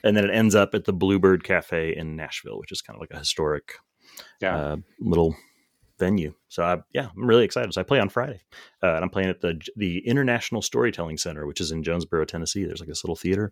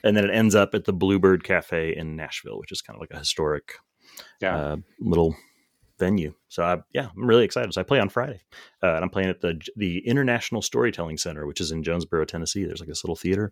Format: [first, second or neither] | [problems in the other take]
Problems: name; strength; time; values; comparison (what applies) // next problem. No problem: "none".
neither | none